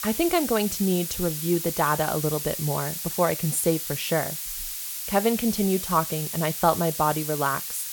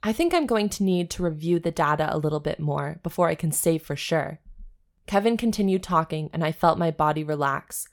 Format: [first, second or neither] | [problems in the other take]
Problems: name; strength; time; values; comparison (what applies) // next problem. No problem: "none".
second | hiss; loud; throughout; 4 dB below the speech